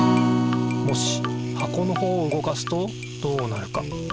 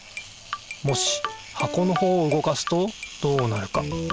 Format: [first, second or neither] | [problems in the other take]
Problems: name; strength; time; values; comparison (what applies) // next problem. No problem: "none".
second | background sound (Acoustic guitar); 2 dB above the speech